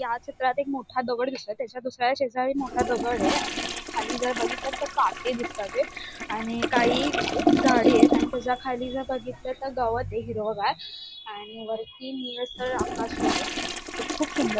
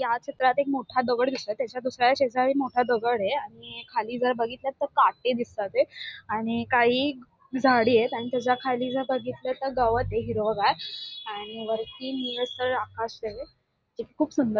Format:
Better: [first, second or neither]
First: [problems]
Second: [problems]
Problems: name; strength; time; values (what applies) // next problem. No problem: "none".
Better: second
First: background sound (Toilet flush); as loud as the speech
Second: none